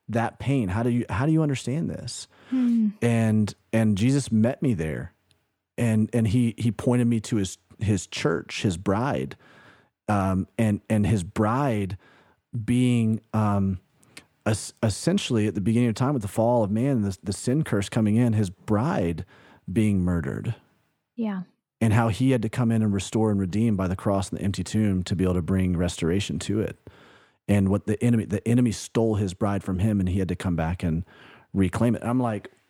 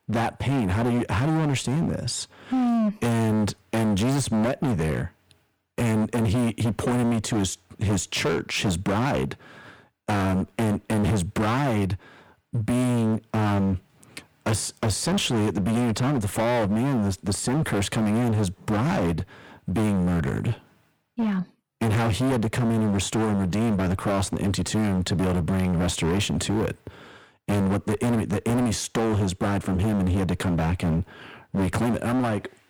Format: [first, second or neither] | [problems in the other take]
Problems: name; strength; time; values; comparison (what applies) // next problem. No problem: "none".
first | distortion; heavy; 28% of the sound clipped